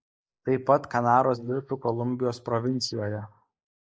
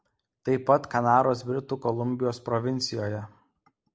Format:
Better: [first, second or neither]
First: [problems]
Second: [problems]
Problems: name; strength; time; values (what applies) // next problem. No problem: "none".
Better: second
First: noise reduction (neural mask model Resemble Enhance denoiser)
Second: none